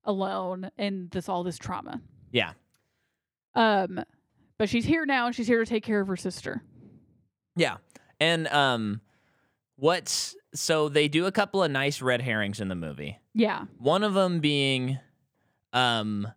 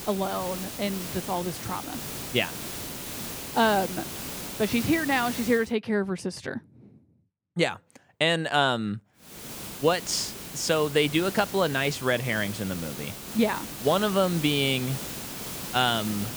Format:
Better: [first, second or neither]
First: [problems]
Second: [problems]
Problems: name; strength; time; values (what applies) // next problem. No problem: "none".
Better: first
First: none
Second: hiss; loud; until 5.5 s and from 9.5 s on; 8 dB below the speech